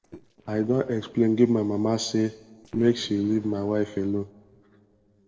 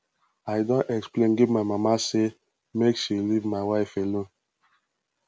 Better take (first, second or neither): second